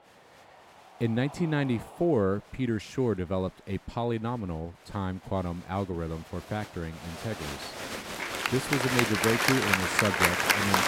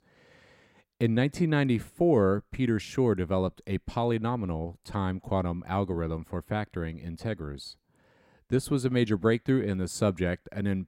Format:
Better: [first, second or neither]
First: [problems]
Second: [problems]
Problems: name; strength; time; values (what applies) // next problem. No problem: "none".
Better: second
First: crowd noise; very loud; throughout; 4 dB above the speech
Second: none